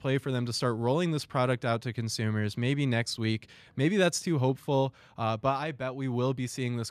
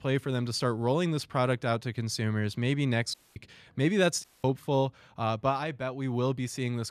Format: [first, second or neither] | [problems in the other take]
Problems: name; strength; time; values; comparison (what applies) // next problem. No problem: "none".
first | audio cutting out; at 3 s and at 4 s